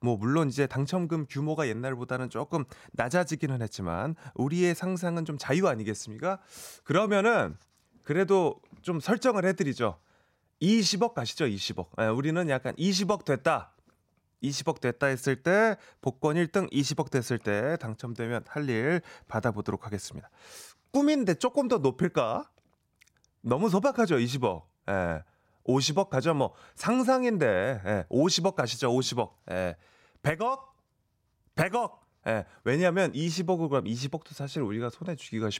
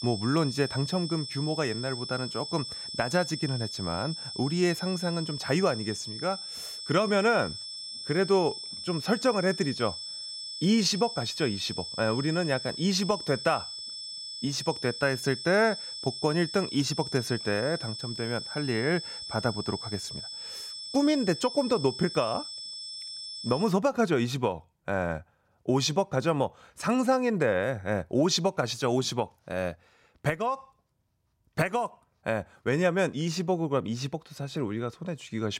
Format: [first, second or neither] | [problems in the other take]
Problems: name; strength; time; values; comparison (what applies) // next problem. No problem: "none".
first | high-pitched whine; loud; until 24 s; 5.5 kHz, 7 dB below the speech